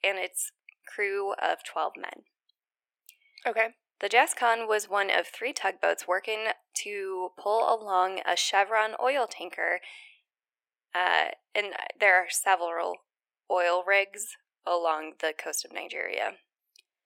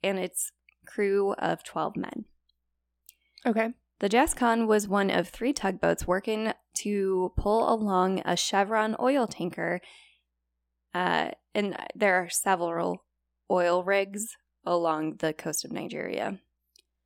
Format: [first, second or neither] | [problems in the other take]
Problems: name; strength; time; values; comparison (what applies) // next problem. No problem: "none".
second | thin; very; fading below 450 Hz